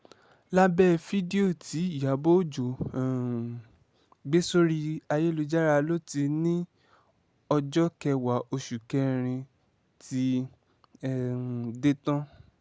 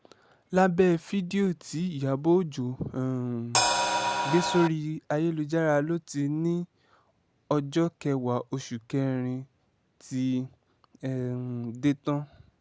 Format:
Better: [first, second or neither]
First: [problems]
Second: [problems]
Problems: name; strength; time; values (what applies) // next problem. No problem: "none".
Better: first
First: none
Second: background sound (Crash cymbal); 2 dB above the speech